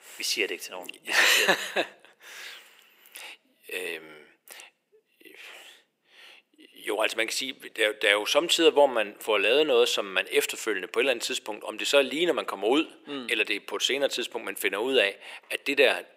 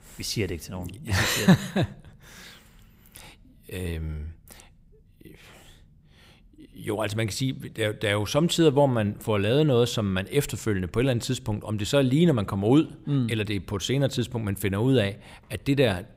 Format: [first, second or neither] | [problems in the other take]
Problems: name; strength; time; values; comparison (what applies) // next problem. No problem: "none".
second | thin; very; fading below 400 Hz